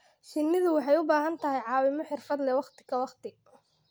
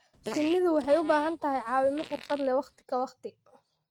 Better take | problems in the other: first | noise reduction (neural mask model RNNoise)

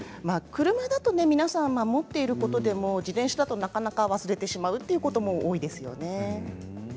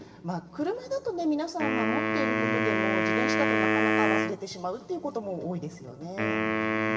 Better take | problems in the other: first | background sound (Wind instrument, woodwind instrument); 4 dB above the speech // room echo; dies away in 1.6 s

